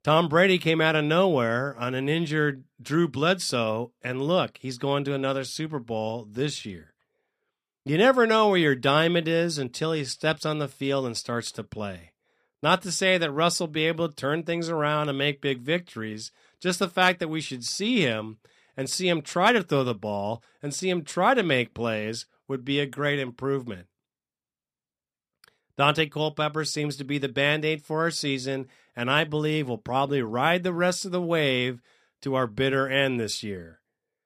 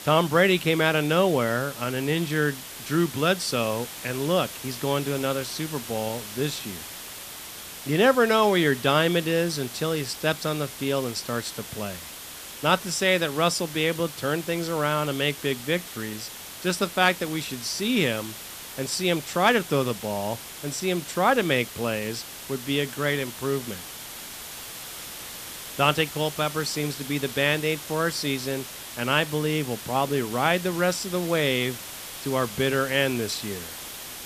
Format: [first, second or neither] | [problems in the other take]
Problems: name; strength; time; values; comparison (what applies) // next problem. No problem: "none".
first | hiss; noticeable; throughout; 10 dB below the speech